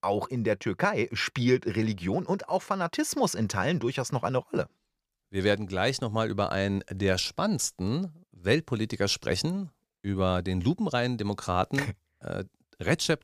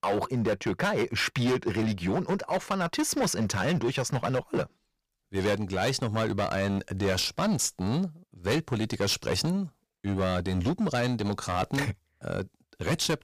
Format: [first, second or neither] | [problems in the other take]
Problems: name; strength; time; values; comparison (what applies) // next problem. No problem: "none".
first | distortion; heavy; 12% of the sound clipped